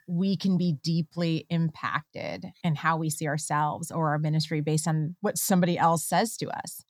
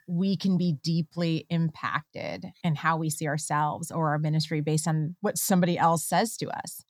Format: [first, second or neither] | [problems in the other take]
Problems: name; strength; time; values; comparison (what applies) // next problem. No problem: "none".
neither | none